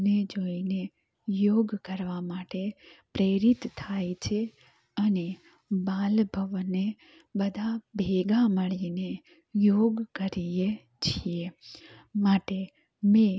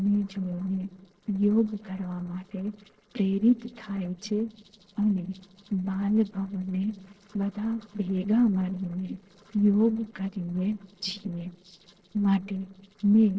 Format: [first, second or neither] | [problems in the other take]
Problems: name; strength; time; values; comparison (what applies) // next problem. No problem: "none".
first | noise reduction (neural separator model SepFormer DNS4)